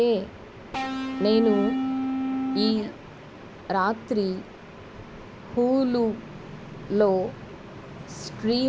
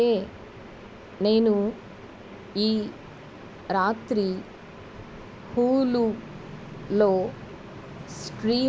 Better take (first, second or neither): second